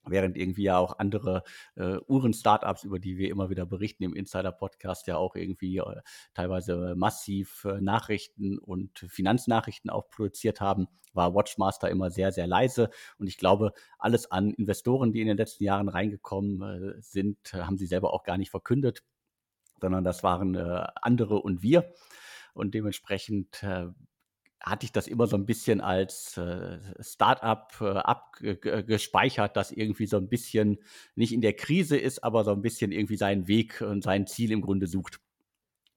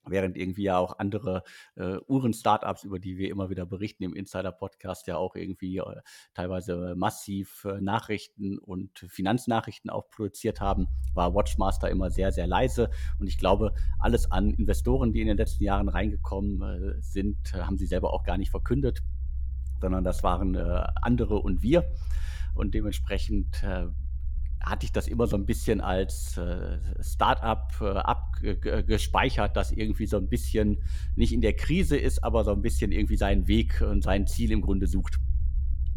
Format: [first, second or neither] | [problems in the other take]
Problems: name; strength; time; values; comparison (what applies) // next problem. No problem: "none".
first | low rumble; faint; from 11 s on; 20 dB below the speech